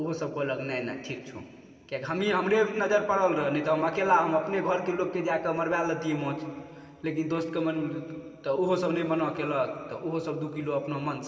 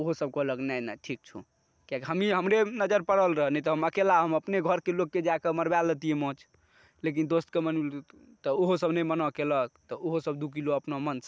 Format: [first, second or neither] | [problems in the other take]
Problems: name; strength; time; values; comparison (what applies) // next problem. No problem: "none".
second | room echo; dies away in 2.9 s